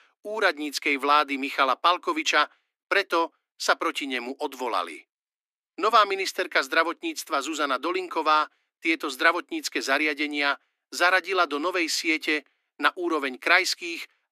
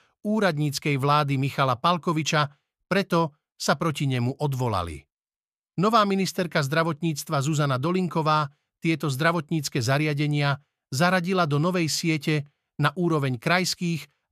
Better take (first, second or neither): second